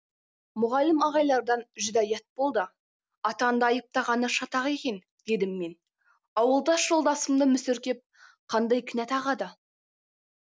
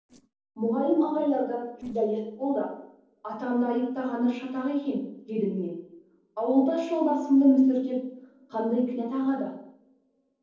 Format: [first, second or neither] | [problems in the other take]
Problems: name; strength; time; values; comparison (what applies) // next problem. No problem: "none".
first | noise reduction (neural separator model SepFormer DNS4)